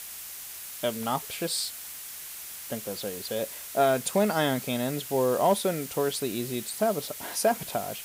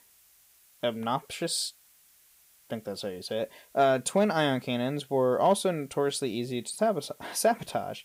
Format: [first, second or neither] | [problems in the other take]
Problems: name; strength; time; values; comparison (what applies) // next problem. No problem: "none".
second | hiss; loud; throughout; 9 dB below the speech; faint in the second